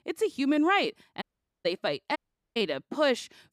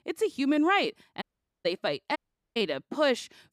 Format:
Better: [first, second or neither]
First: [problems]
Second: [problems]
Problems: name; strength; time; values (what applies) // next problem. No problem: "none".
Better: neither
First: audio cutting out; at 1 s and at 2 s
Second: audio cutting out; at 1 s and at 2 s